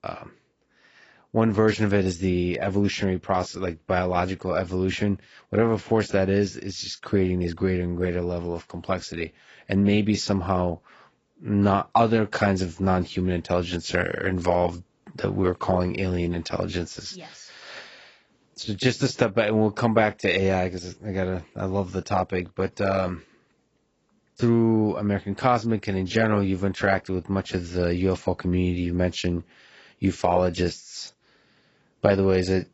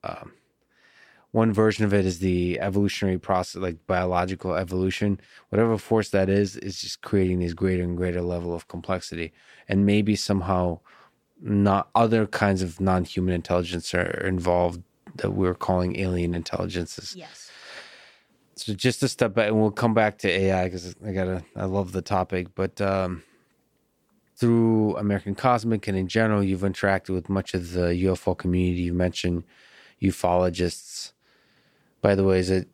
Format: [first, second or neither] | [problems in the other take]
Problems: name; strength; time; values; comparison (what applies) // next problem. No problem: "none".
second | garbled, watery; badly; nothing above 7.5 kHz